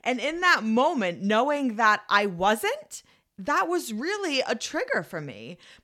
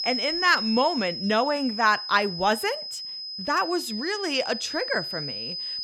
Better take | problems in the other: first | high-pitched whine; loud; throughout; 5 kHz, 6 dB below the speech

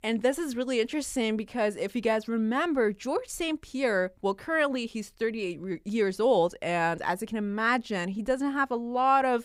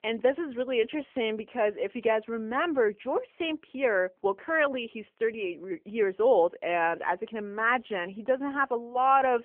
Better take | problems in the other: first | phone-call audio; nothing above 3 kHz

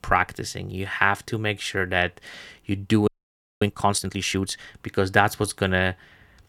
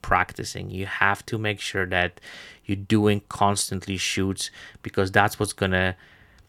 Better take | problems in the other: second | audio freezing; at 3 s for 0.5 s

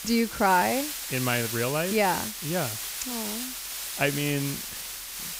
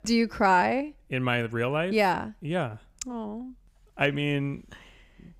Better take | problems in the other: second | hiss; loud; throughout; 4 dB below the speech

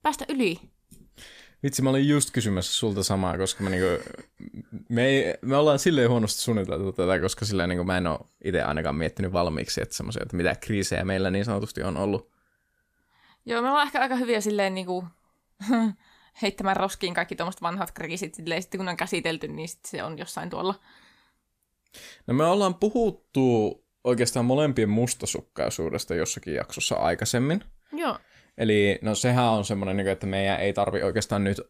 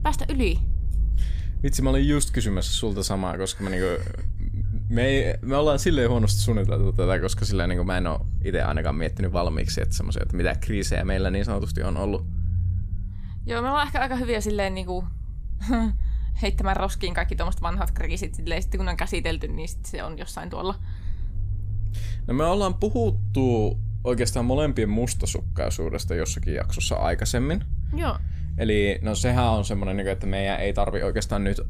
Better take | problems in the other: first | low rumble; noticeable; throughout; 20 dB below the speech

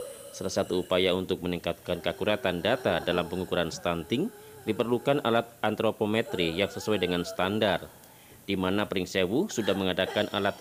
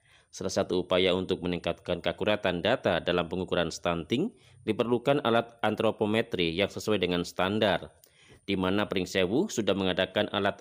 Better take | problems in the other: second | hiss; noticeable; throughout; 15 dB below the speech

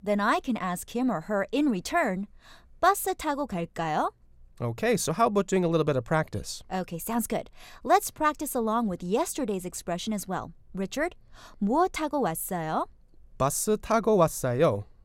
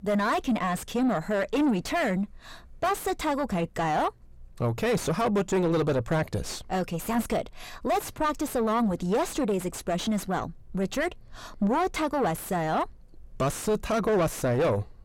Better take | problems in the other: first | distortion; heavy; 5 dB below the speech

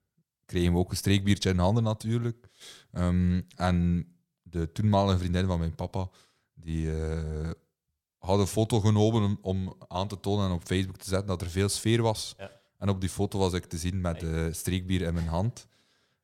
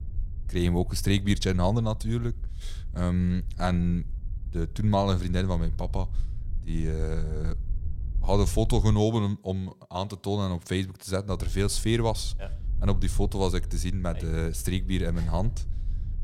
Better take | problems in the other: first | low rumble; faint; until 9 s and from 11 s on; 20 dB below the speech

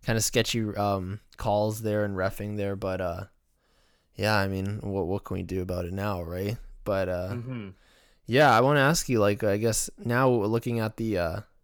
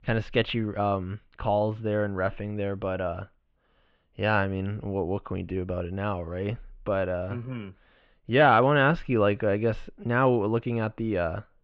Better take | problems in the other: first | muffled; very; fading above 3 kHz

